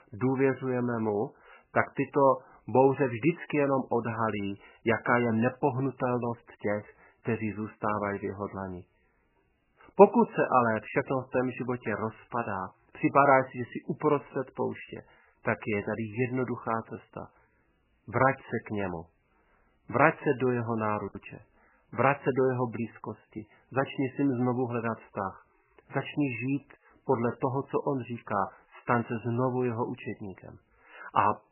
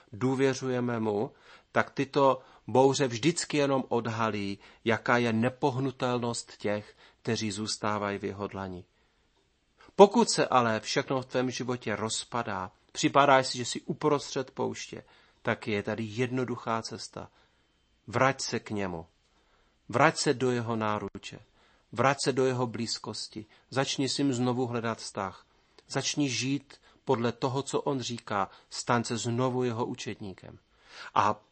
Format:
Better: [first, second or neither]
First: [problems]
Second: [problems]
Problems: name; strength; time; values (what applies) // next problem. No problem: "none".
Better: second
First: garbled, watery; badly; nothing above 3 kHz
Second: garbled, watery; slightly; nothing above 8 kHz